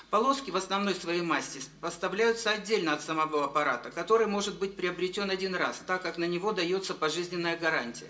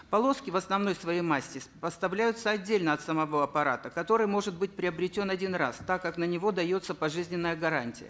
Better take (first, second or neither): second